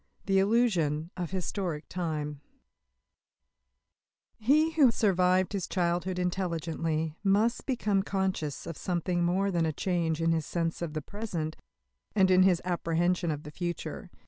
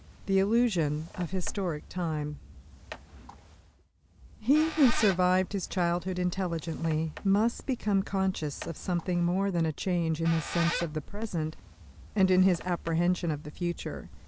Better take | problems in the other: first | background sound (Squeak); 15 dB below the speech

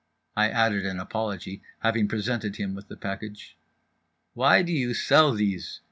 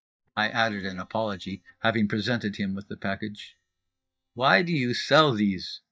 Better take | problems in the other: first | noise reduction (neural mask model DeepFilterNet 3)

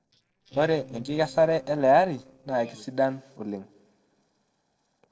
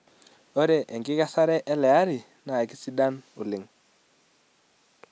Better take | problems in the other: second | noise reduction (neural separator model SepFormer DNS4)

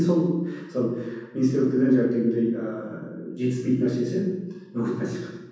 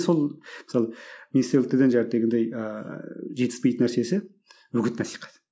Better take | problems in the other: second | room echo; dies away in 1.1 s

